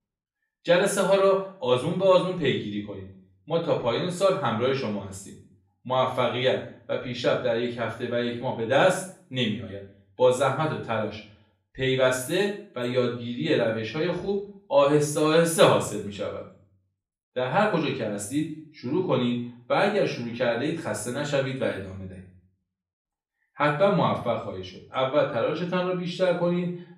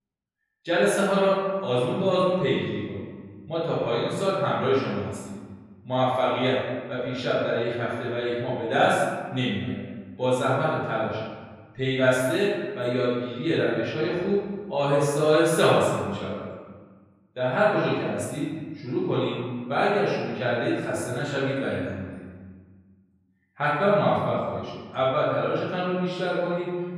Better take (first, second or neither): first